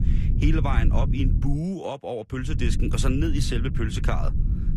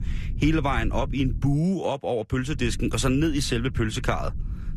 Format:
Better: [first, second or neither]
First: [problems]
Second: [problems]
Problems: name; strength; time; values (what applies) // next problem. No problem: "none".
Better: second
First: low rumble; loud; until 1.5 s and from 2.5 s on; 8 dB below the speech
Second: low rumble; faint; until 1.5 s and from 2.5 s on; 20 dB below the speech